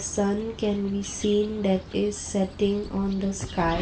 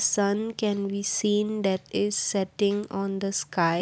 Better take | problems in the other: second | background sound (Bird vocalization, bird call, bird song); 12 dB below the speech // room echo; dies away in 0.3 s

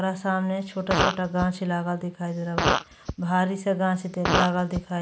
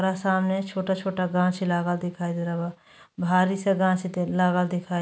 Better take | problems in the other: second | background sound (Fart); 3 dB below the speech

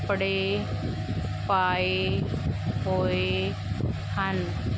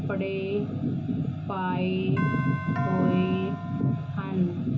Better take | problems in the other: first | background sound (Doorbell); 10 dB below the speech // room echo; dies away in 0.3 s

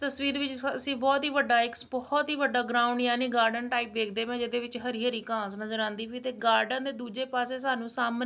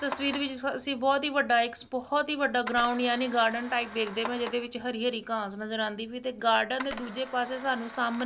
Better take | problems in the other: first | background sound (Camera); 15 dB below the speech

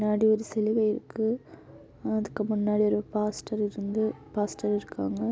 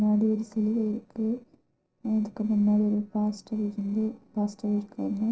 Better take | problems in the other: first | noise reduction (neural separator model SepFormer DNS4)

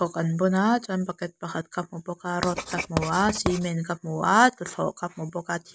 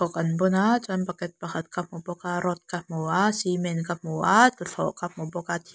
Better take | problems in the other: second | background sound (Writing); 9 dB below the speech

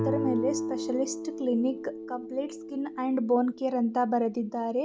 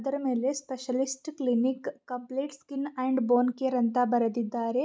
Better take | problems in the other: second | background sound (Guitar); 6 dB below the speech

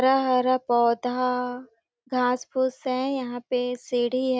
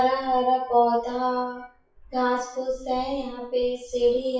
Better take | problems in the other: first | noise reduction (classical method WPE with log-MMSE)

